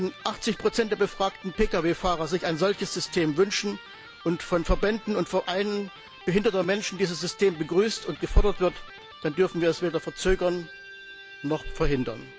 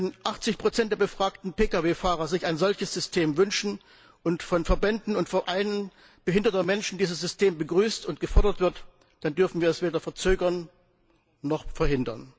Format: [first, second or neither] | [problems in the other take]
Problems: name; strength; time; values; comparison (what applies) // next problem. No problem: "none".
second | background sound (Electric guitar); 19 dB below the speech